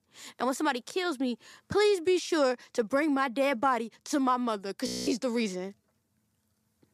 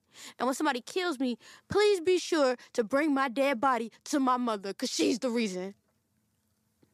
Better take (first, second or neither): second